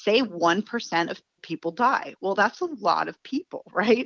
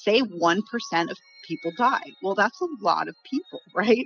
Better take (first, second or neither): first